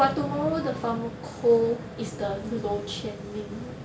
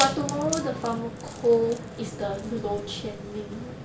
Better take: first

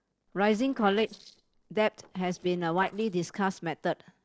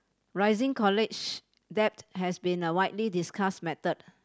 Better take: second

